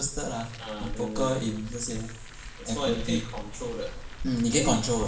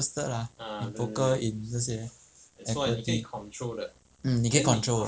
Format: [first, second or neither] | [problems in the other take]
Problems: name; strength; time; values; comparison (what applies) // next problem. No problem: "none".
second | background sound (Car); 8 dB below the speech // room echo; dies away in 0.8 s